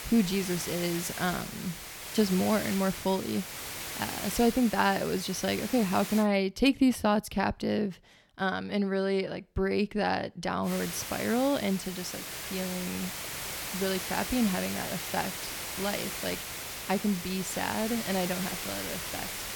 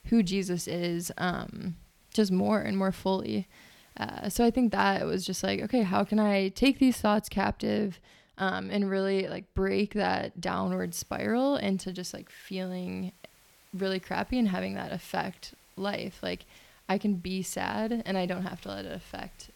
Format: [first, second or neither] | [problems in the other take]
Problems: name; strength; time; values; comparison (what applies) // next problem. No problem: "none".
second | hiss; loud; until 6 s and from 11 s on; 6 dB below the speech; faint in the second